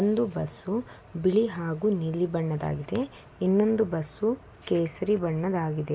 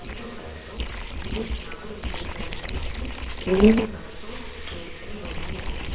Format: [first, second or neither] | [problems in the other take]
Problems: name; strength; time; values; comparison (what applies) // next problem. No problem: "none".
first | noise reduction (neural separator model SepFormer WHAMR!)